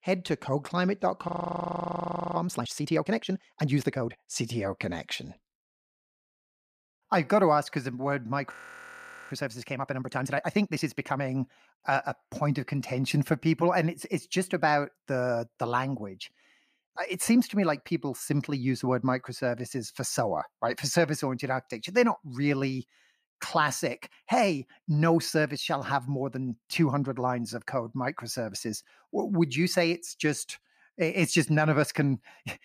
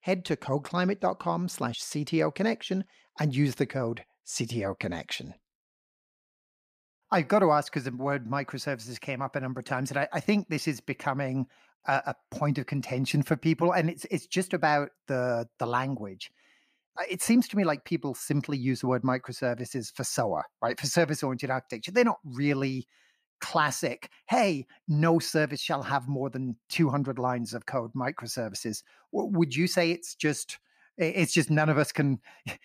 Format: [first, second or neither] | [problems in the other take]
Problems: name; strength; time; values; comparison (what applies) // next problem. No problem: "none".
second | audio freezing; at 1.5 s for 1 s and at 8.5 s for 1 s